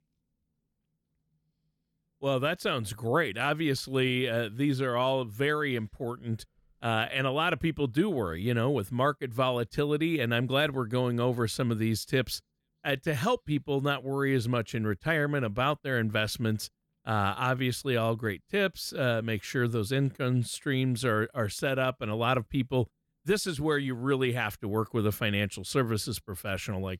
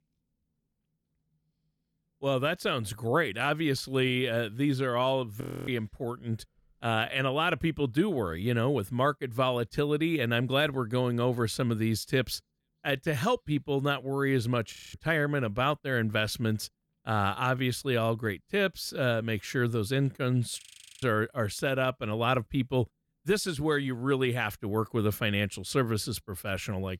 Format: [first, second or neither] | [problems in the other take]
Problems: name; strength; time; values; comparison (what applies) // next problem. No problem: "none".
first | audio freezing; at 5.5 s, at 15 s and at 21 s